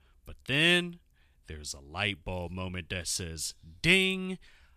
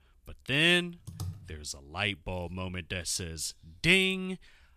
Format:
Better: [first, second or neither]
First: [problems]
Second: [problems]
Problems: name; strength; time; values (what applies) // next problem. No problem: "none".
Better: first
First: none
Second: keyboard typing; faint; at 1 s; peak 10 dB below the speech